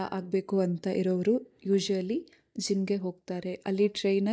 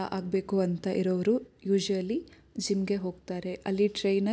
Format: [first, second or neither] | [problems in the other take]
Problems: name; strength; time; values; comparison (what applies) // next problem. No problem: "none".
second | noise reduction (neural mask model DeepFilterNet 3)